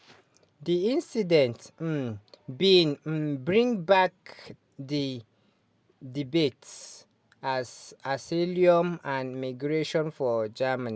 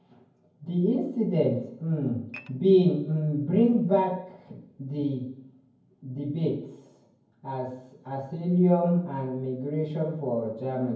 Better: first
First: none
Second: background sound (Dishes, pots, and pans / Glass); 17 dB below the speech // room echo; dies away in 0.9 s

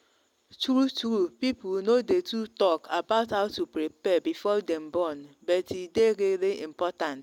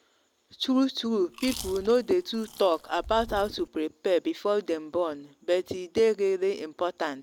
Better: first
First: none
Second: background sound (Chewing, mastication); 15 dB below the speech

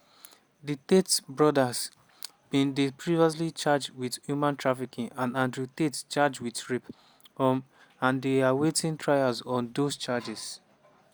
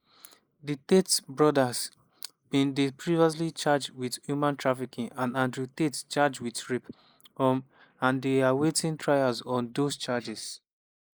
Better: first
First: none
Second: noise reduction (neural mask model Resemble Enhance denoiser)

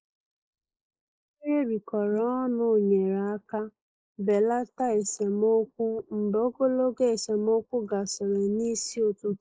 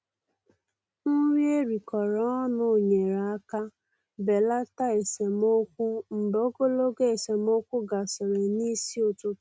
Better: second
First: noise reduction (neural mask model Resemble Enhance denoiser)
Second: none

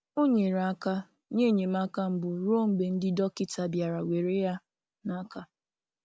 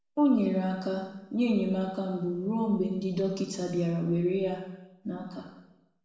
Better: first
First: none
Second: room echo; dies away in 0.9 s

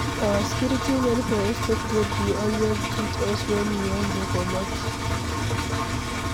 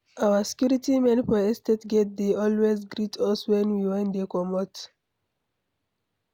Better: second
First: background sound (Engine); 1 dB above the speech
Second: none

